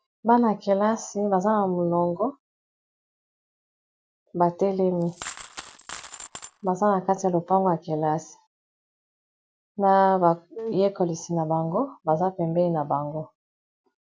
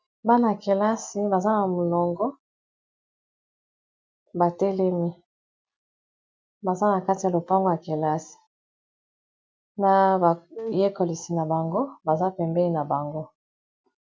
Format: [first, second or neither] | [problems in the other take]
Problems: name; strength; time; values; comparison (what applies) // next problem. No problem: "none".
second | background sound (Coin (dropping)); 16 dB below the speech